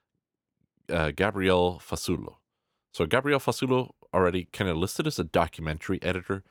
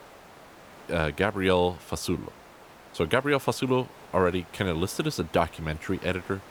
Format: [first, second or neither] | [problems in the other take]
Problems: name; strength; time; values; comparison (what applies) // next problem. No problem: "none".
first | hiss; faint; throughout; 20 dB below the speech